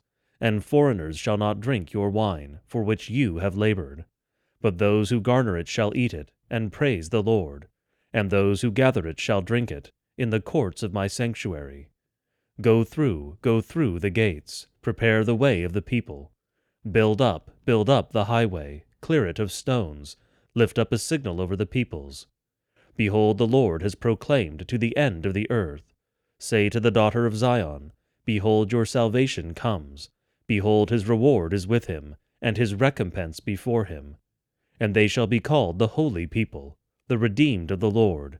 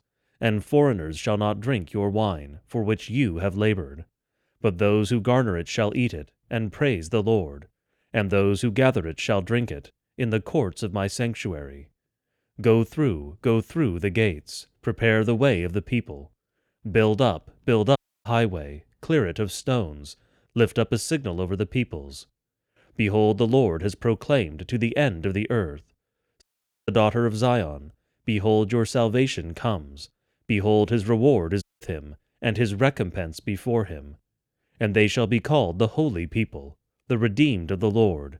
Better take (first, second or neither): first